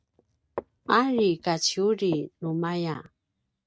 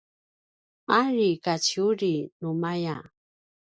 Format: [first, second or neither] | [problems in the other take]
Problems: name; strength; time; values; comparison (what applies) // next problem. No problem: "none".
second | noise reduction (neural mask model RNNoise)